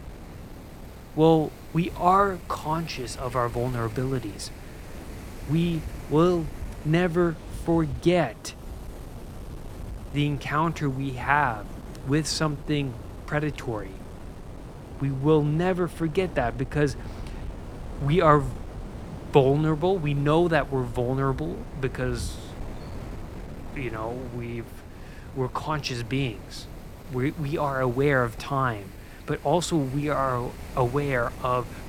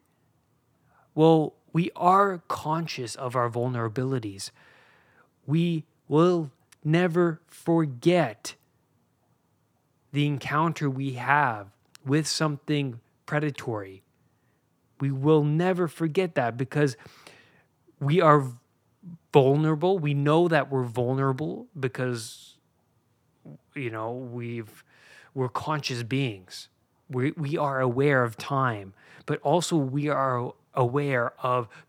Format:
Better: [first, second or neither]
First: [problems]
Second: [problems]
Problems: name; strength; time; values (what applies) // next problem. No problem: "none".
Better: second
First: wind noise on the microphone; occasional gusts; 20 dB below the speech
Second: none